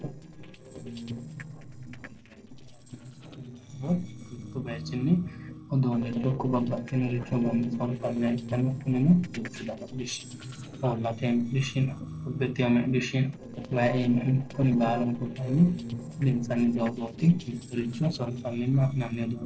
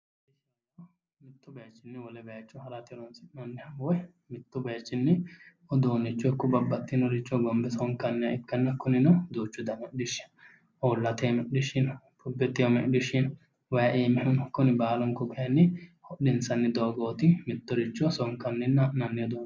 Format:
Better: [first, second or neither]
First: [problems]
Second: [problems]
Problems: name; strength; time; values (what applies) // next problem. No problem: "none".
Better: second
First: noise reduction (neural separator model SepFormer DNS4)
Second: none